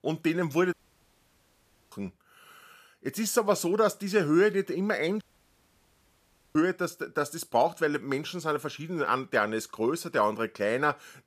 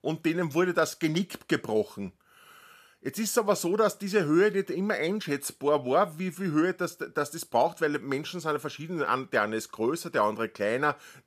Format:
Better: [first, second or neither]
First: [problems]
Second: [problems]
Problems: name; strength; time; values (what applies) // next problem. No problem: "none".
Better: second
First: audio cutting out; at 0.5 s for 1 s and at 5 s for 1.5 s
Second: none